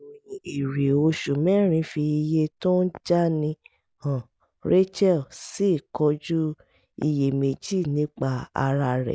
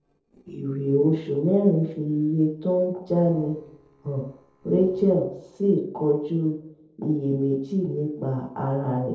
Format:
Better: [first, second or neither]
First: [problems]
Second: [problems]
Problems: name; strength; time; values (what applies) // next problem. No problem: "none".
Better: first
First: none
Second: noise reduction (neural separator model SepFormer DNS4)